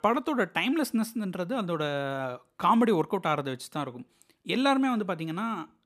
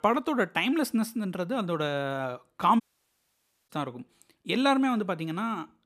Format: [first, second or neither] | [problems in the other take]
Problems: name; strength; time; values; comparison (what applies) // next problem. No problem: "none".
first | audio cutting out; at 3 s for 1 s